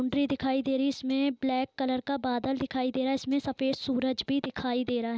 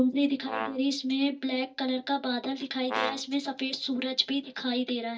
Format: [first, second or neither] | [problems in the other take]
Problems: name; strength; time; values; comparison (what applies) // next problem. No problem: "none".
first | noise reduction (neural mask model DeepFilterNet 3)